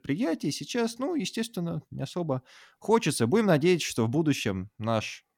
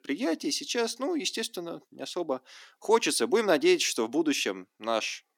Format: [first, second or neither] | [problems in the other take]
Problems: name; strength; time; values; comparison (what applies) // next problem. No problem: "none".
first | thin; very slightly; fading below 300 Hz